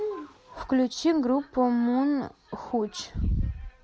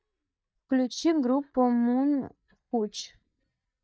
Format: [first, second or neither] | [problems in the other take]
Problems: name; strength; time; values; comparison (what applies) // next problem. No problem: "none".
first | noise reduction (neural mask model DeepFilterNet 3)